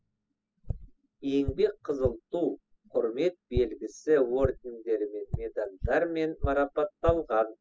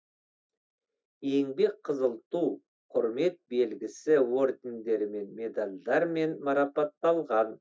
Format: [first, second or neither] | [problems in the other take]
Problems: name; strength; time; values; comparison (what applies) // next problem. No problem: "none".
second | noise reduction (classical method spectral subtraction)